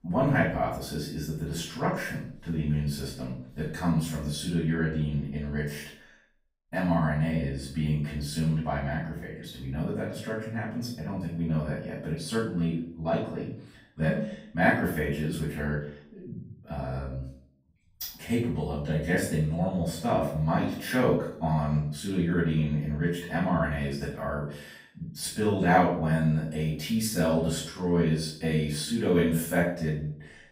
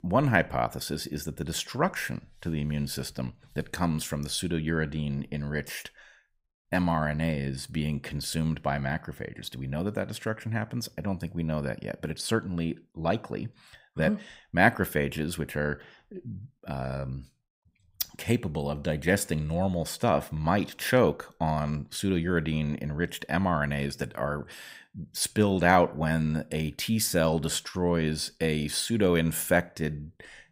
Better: second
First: off-mic speech; far // room echo; noticeable; dies away in 0.5 s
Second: none

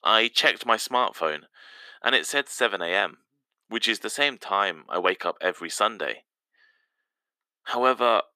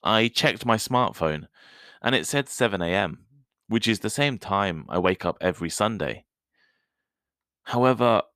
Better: second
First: thin; somewhat; fading below 350 Hz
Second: none

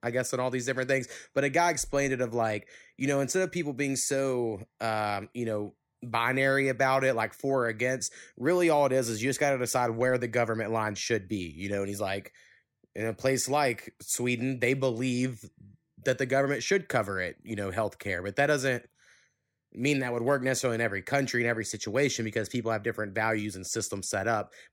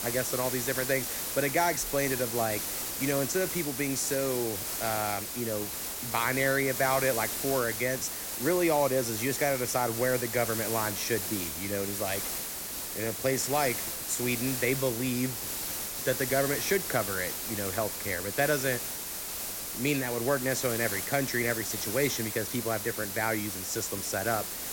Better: first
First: none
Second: hiss; loud; throughout; 2 dB below the speech

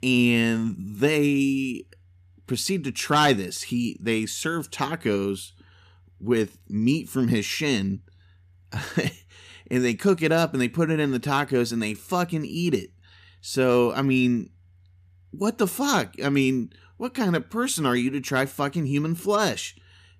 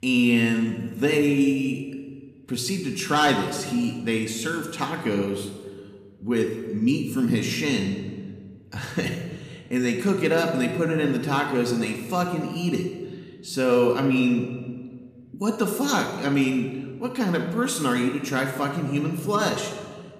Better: first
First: none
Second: room echo; noticeable; dies away in 1.2 s

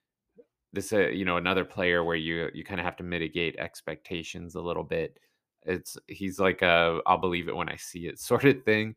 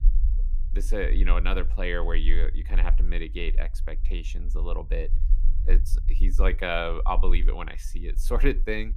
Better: first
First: none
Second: low rumble; faint; throughout; 20 dB below the speech

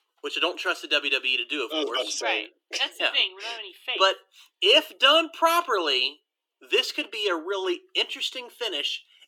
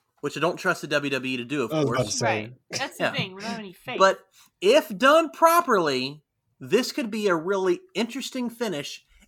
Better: second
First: thin; somewhat; fading below 300 Hz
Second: none

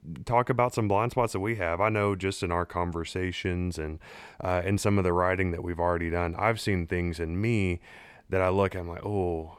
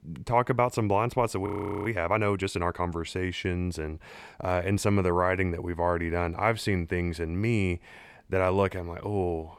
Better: first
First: none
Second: audio freezing; at 1.5 s

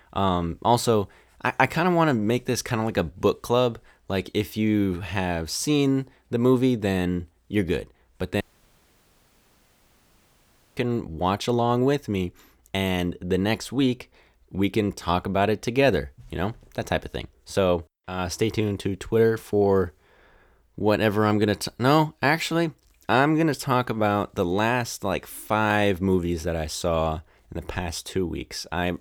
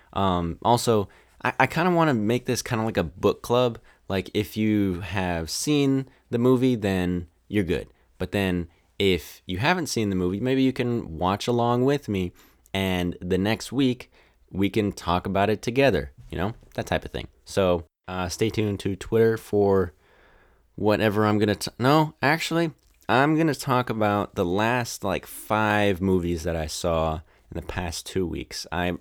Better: second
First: audio cutting out; at 8.5 s for 2.5 s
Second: none

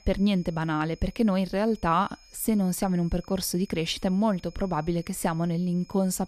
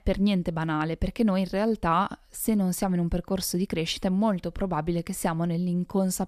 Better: second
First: high-pitched whine; faint; throughout; 5 kHz, 25 dB below the speech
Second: none

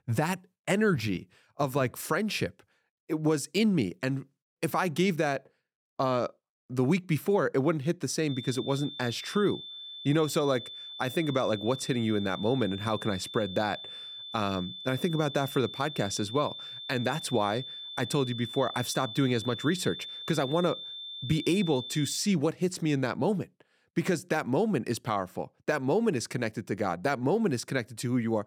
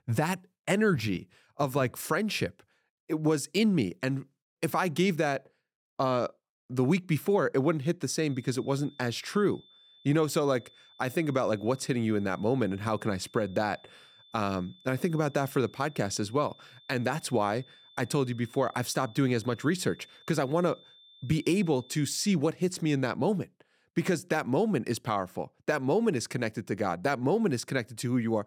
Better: second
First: high-pitched whine; loud; from 8.5 to 22 s; 3.5 kHz, 10 dB below the speech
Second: high-pitched whine; faint; from 8.5 to 22 s; 3.5 kHz, 25 dB below the speech

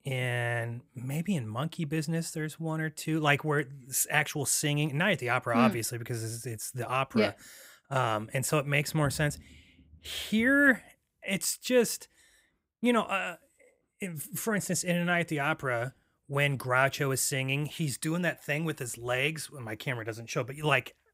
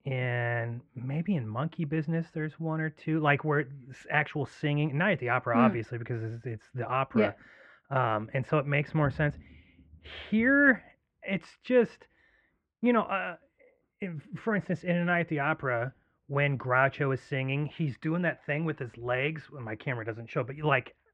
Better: first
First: none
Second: muffled; very; fading above 2.5 kHz

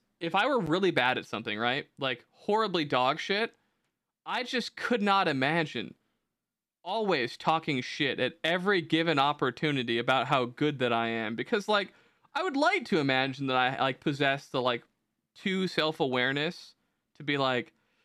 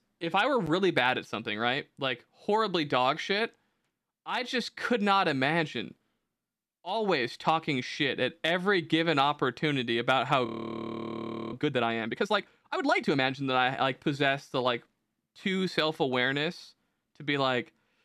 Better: first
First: none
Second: audio freezing; at 10 s for 1 s

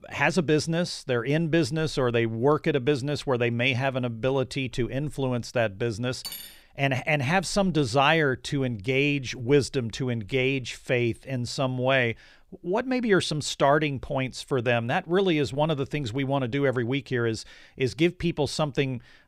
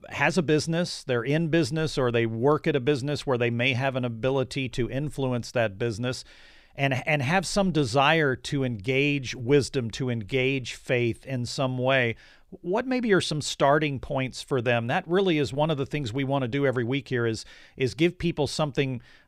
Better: second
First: clattering dishes; faint; at 6 s; peak 10 dB below the speech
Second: none

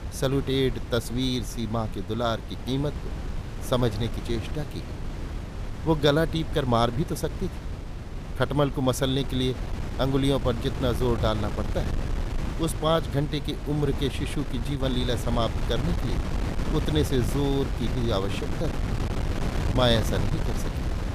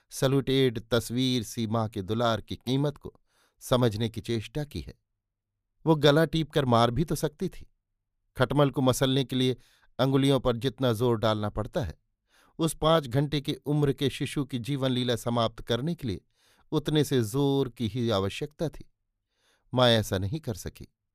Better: second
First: wind noise on the microphone; heavy; 10 dB below the speech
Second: none

